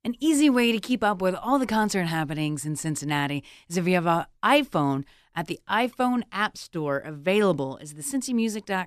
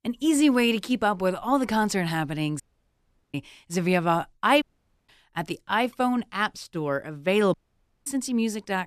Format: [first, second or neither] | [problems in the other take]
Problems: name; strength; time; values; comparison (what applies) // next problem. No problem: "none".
first | audio cutting out; at 2.5 s for 0.5 s, at 4.5 s and at 7.5 s for 0.5 s